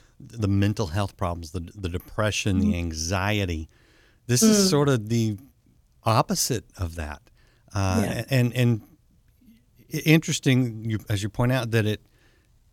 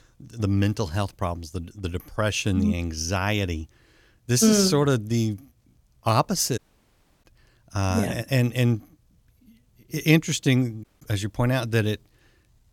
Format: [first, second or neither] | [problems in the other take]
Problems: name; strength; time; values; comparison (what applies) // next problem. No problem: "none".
first | audio cutting out; at 6.5 s for 0.5 s and at 11 s